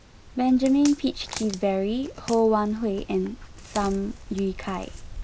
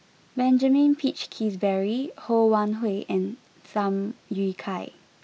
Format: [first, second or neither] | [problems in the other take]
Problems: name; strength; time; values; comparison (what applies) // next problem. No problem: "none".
second | background sound (Walk, footsteps); 14 dB below the speech